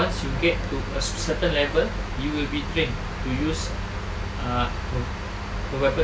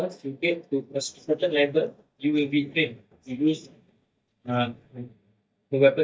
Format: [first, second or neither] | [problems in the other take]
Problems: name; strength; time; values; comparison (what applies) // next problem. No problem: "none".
first | noise reduction (neural mask model DeepFilterNet 3)